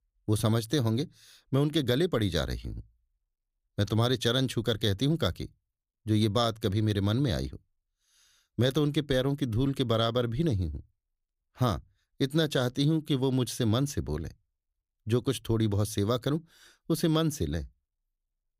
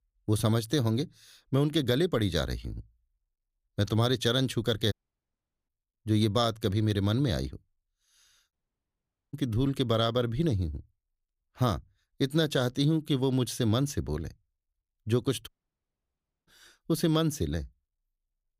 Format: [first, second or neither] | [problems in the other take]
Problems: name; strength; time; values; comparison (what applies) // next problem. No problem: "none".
first | audio cutting out; at 5 s for 1 s, at 8.5 s for 1 s and at 15 s for 1 s